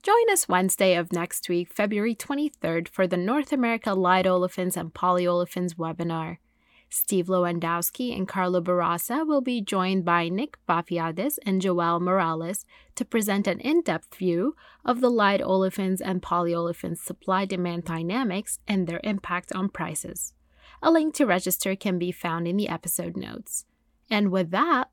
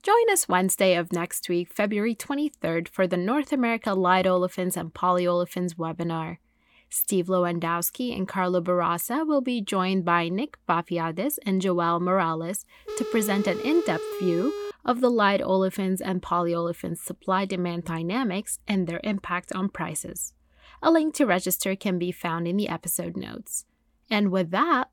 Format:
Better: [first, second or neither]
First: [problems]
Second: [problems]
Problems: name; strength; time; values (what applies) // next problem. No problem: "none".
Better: first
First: none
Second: phone ringing; noticeable; from 13 to 15 s; peak 7 dB below the speech